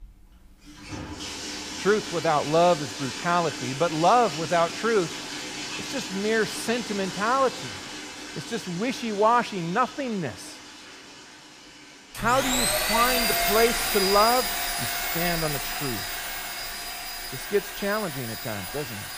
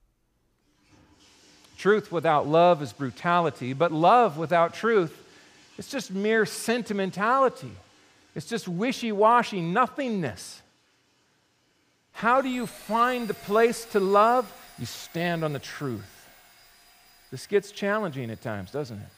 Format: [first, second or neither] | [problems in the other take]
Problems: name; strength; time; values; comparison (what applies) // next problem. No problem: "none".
second | household noises; loud; throughout; 3 dB below the speech; faint in the second